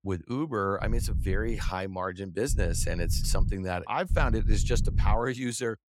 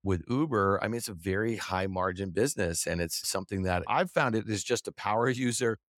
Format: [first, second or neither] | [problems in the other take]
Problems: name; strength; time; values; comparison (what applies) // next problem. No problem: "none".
second | low rumble; noticeable; at 1 s, from 2.5 to 3.5 s and from 4 to 5 s; 15 dB below the speech